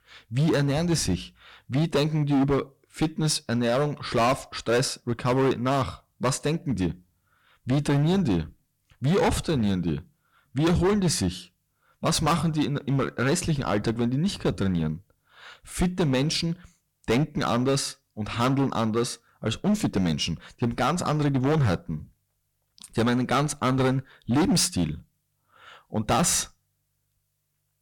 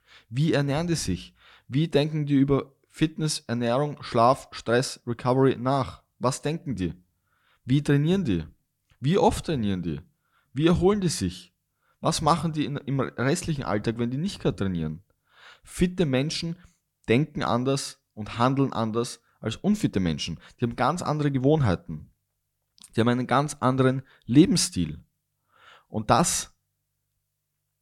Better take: second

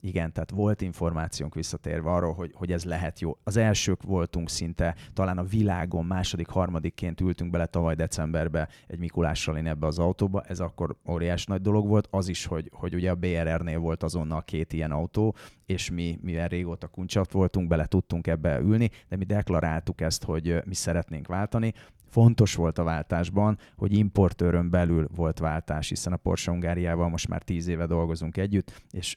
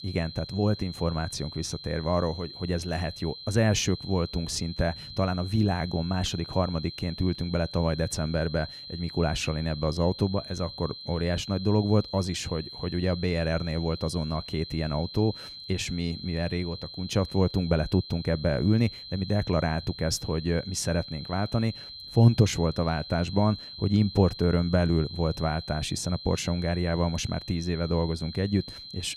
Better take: first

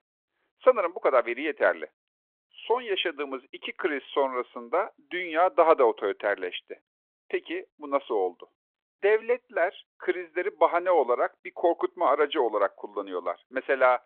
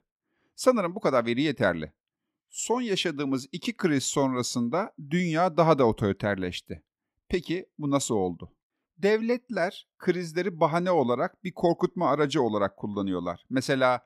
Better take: second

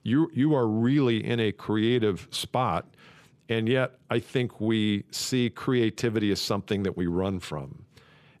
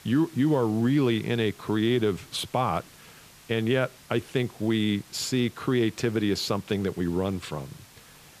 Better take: first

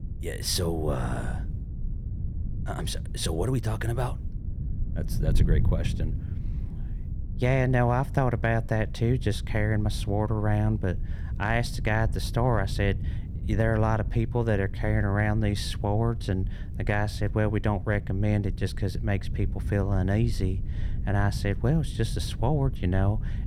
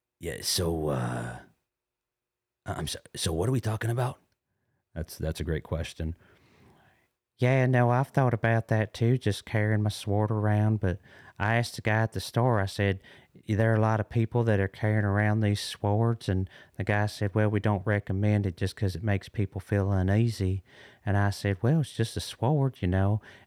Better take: second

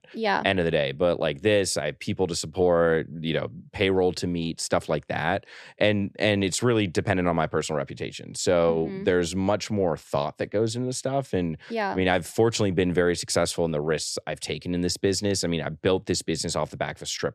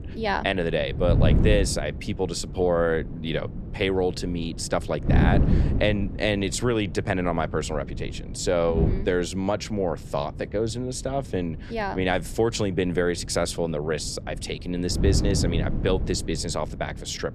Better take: first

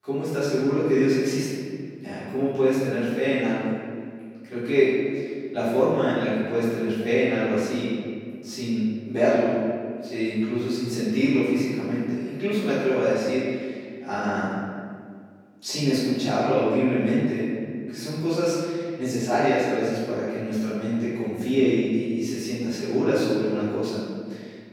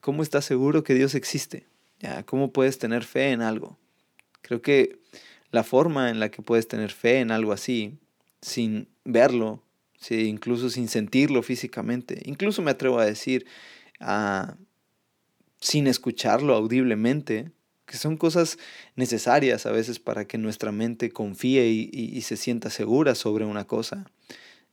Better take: second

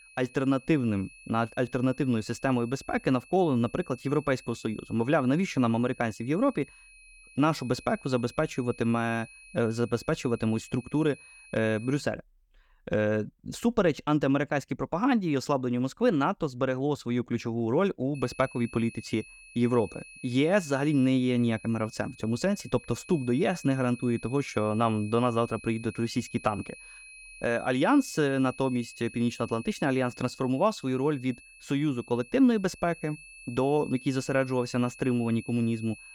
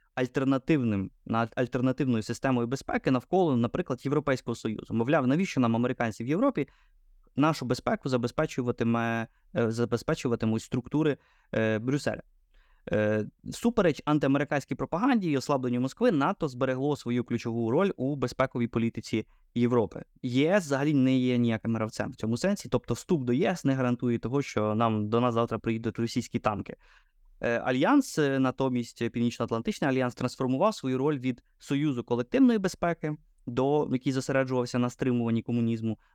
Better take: second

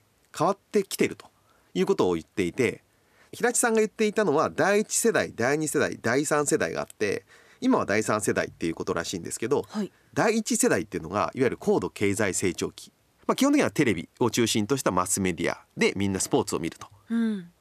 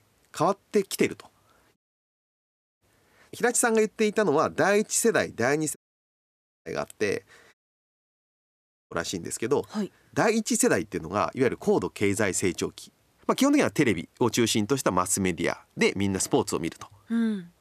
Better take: first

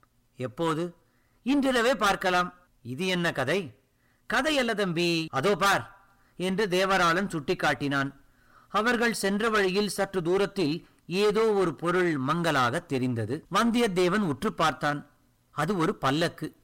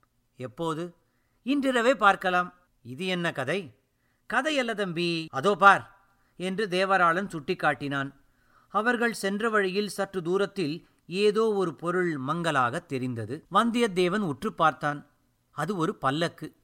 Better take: second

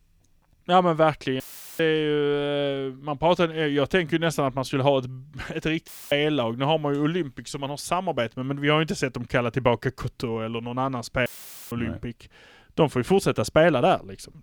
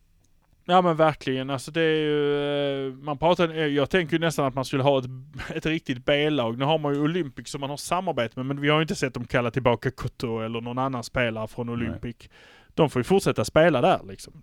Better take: second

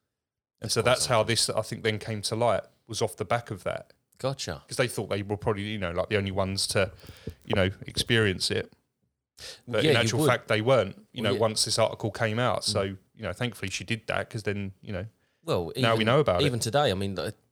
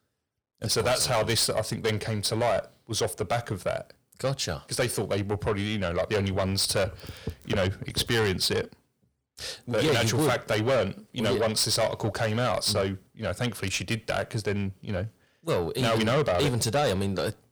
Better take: first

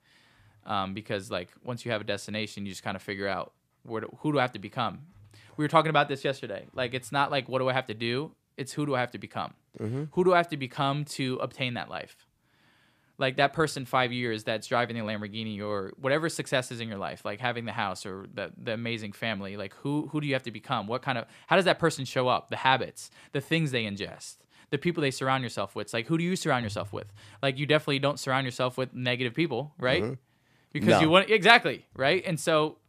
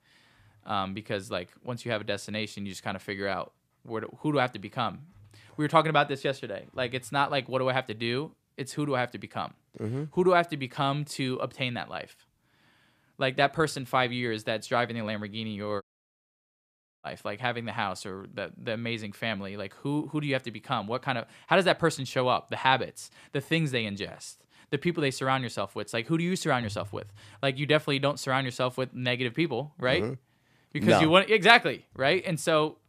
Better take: first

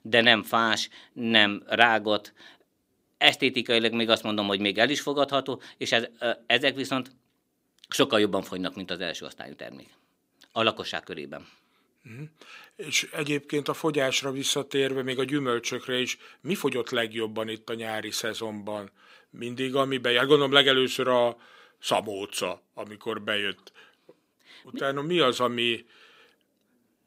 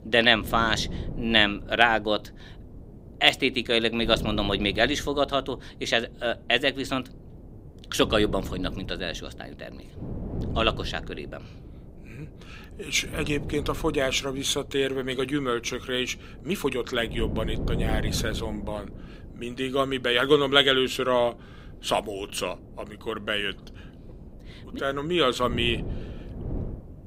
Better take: first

